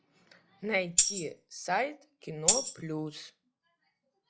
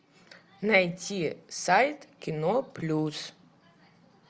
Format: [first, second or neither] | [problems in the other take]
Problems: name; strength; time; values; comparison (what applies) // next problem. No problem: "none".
second | noise reduction (classical method log-MMSE)